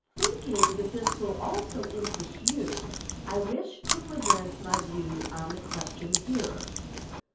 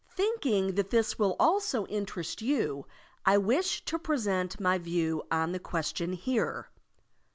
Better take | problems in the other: second | background sound (Chewing, mastication); 2 dB above the speech // room echo; dies away in 0.5 s

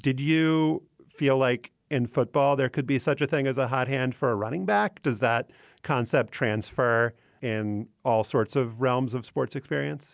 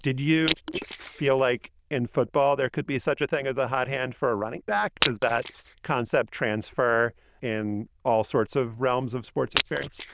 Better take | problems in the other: first | noise reduction (neural diffusion model UNIVERSE++)

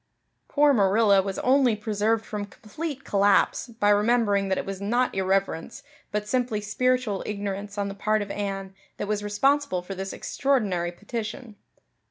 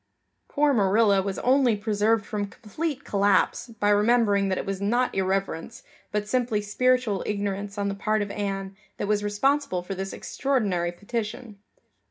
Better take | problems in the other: first | room echo; dies away in 0.3 s

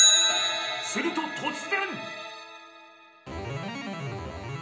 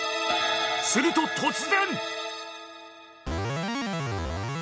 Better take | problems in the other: second | background sound (Bicycle); 4 dB above the speech // room echo; dies away in 0.5 s

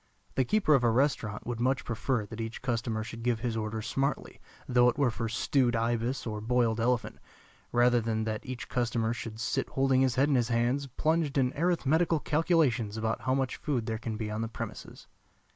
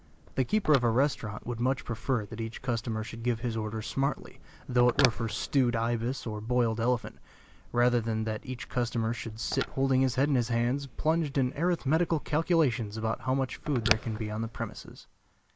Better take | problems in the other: first | noise reduction (neural mask model Resemble Enhance denoiser)

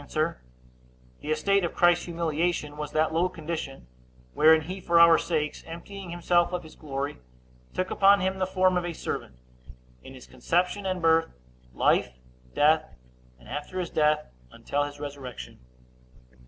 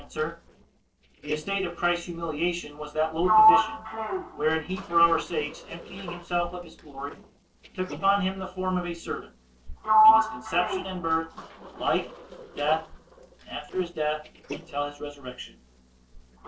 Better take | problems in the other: first | noise reduction (neural separator model SepFormer DNS4)

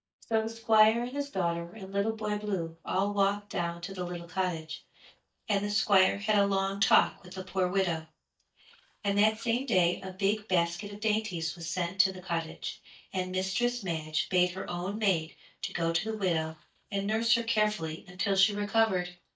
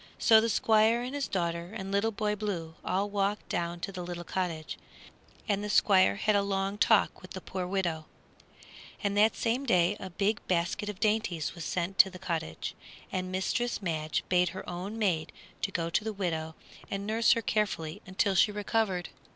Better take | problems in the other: second | noise reduction (neural mask model DeepFilterNet 3)

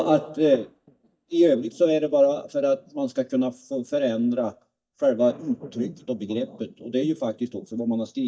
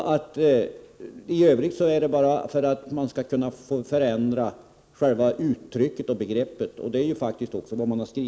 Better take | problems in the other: second | noise reduction (neural mask model DeepFilterNet 3)

